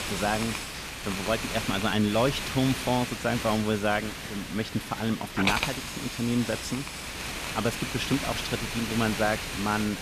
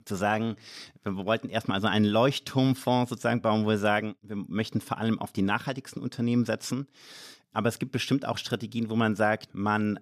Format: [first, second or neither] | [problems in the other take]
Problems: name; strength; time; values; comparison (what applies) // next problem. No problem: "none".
second | hiss; loud; throughout; 4 dB below the speech